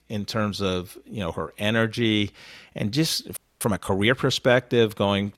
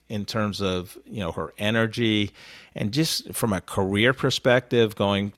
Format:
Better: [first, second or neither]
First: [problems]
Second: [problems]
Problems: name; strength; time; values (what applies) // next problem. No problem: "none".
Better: second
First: audio freezing; at 3.5 s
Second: none